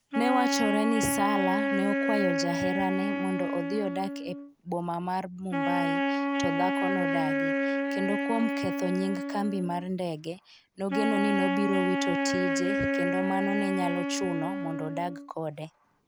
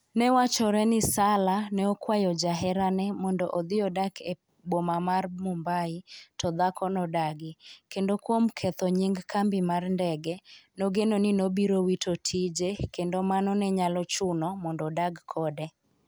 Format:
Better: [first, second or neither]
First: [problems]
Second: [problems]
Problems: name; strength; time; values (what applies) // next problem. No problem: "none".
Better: second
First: background sound (Wind instrument, woodwind instrument); 1 dB above the speech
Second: none